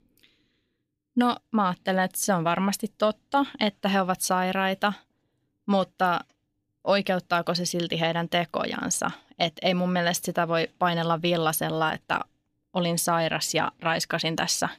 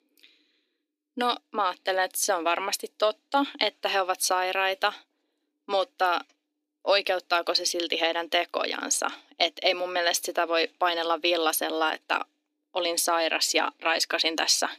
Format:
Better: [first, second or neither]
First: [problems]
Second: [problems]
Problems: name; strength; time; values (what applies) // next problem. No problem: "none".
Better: first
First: none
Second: thin; somewhat; fading below 300 Hz